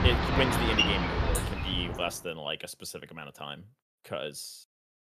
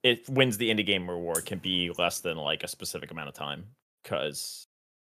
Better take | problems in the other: second | train or aircraft noise; very loud; until 1.5 s; 5 dB above the speech

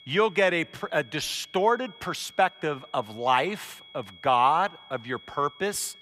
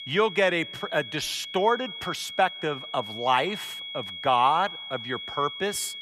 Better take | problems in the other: first | high-pitched whine; loud; throughout; 3.5 kHz, 9 dB below the speech; faint in the first

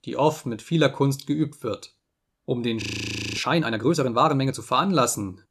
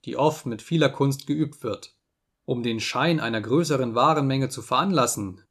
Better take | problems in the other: second | audio freezing; at 3 s for 0.5 s

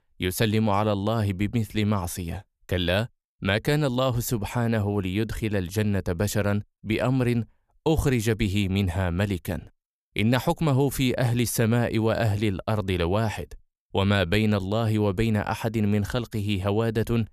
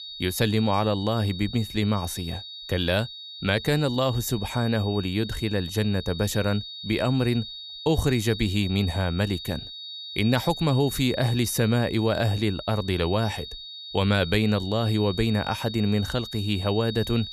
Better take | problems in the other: first | high-pitched whine; noticeable; throughout; 4 kHz, 10 dB below the speech

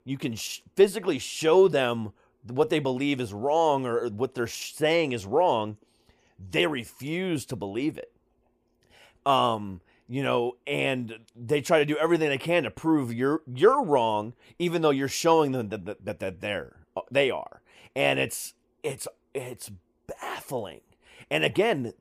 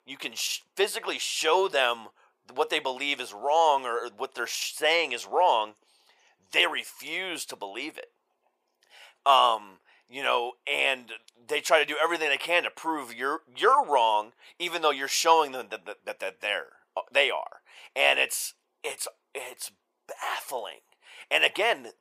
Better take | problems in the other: first | thin; very; fading below 850 Hz

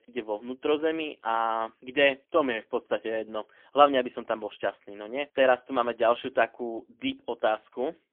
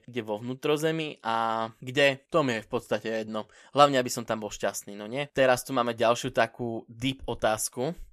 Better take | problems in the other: second | phone-call audio; poor line; nothing above 3.5 kHz

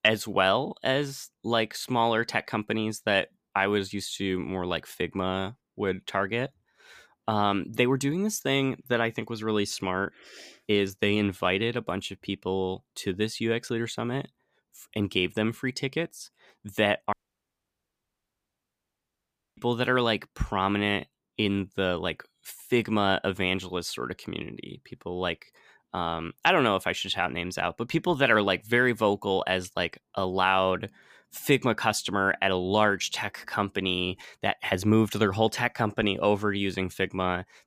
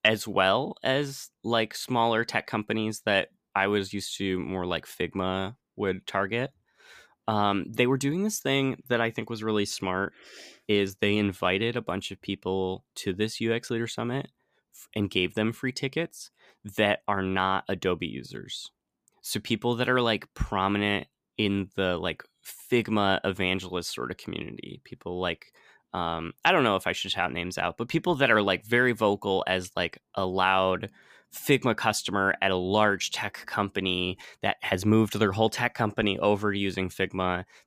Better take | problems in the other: second | audio cutting out; at 17 s for 2.5 s

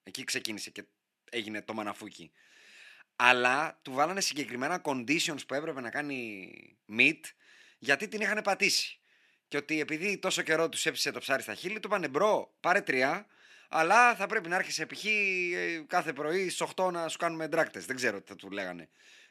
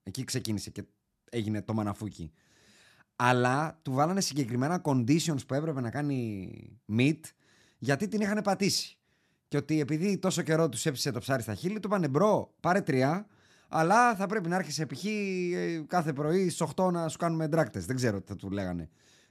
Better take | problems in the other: second | thin; somewhat; fading below 350 Hz

